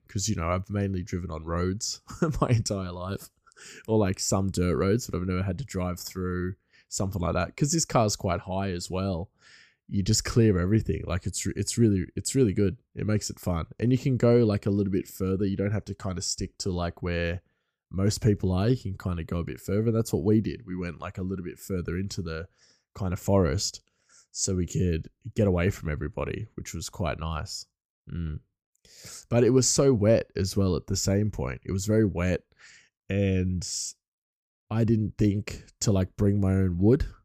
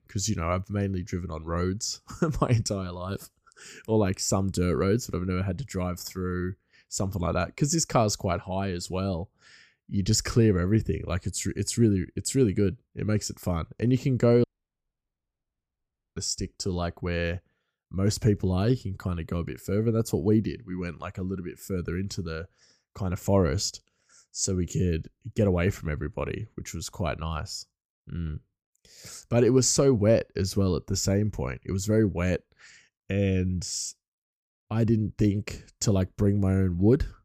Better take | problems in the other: first | audio cutting out; at 14 s for 1.5 s

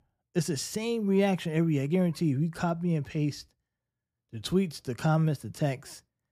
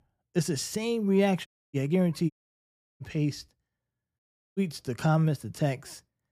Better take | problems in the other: first | audio cutting out; at 1.5 s, at 2.5 s for 0.5 s and at 4 s

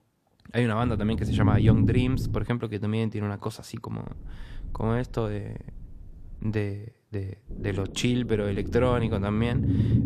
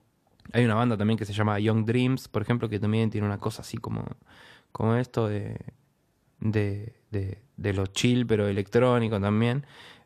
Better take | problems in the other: second | low rumble; loud; from 1 to 2.5 s, from 4 to 6.5 s and from 7.5 s on; 6 dB below the speech

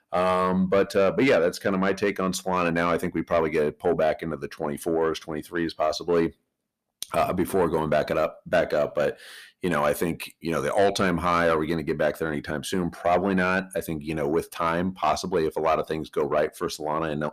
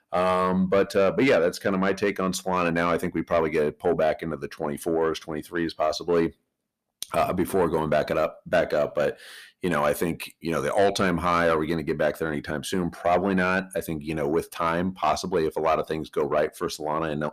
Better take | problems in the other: neither | distortion; slight; 10 dB below the speech; the same in both

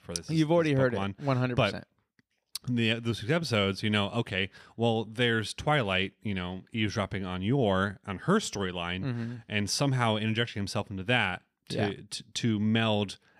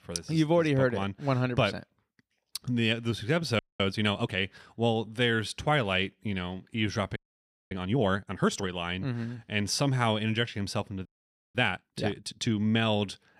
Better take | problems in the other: first | audio freezing; at 3.5 s, at 7 s for 0.5 s and at 11 s for 0.5 s

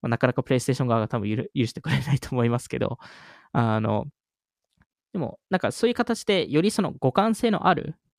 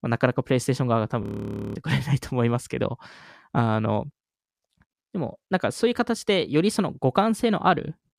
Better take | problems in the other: first | audio freezing; at 1 s for 0.5 s

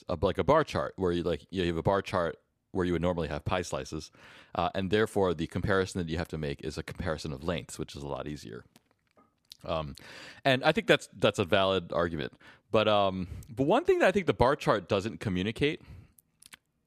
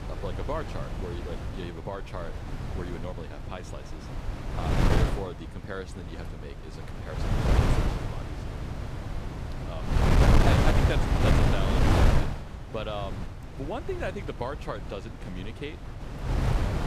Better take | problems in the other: first | wind noise on the microphone; heavy; 5 dB above the speech

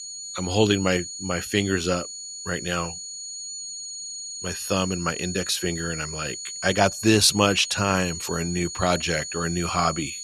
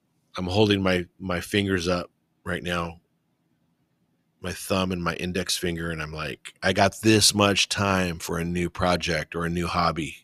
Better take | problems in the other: second | high-pitched whine; loud; throughout; 7 kHz, 8 dB below the speech

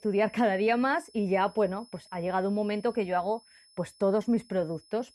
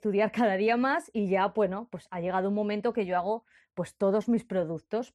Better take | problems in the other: second | high-pitched whine; faint; throughout; 5 kHz, 25 dB below the speech

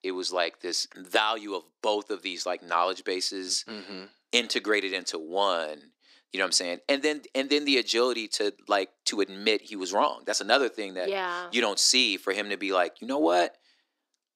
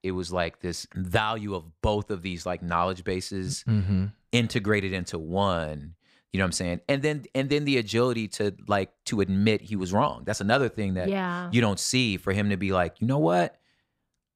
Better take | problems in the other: second | thin; somewhat; fading below 300 Hz

